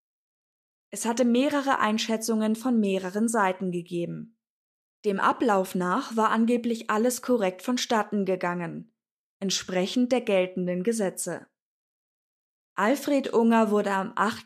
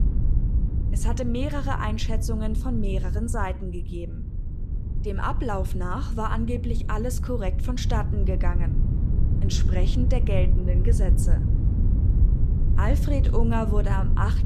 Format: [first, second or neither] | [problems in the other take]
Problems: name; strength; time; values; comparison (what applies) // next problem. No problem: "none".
first | wind noise on the microphone; heavy; 8 dB below the speech